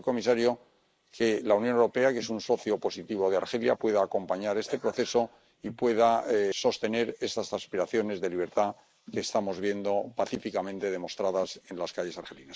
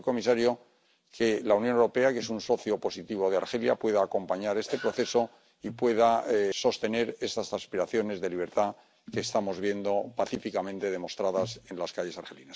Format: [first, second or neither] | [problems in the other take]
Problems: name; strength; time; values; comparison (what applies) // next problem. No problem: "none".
second | noise reduction (neural mask model Resemble Enhance denoiser)